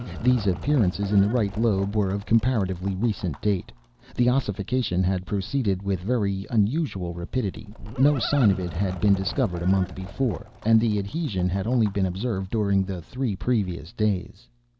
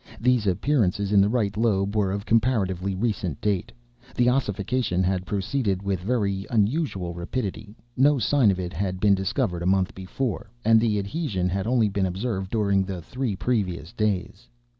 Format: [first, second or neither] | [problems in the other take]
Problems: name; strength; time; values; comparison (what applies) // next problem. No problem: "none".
second | background sound (Bird + Livestock, farm animals, working animals); 17 dB below the speech